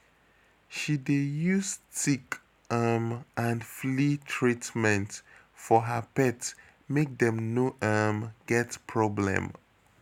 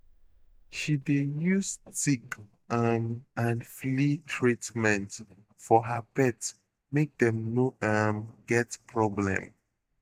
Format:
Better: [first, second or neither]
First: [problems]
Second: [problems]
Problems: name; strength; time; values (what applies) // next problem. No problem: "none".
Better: first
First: none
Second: noise reduction (neural mask model DeepFilterNet 3)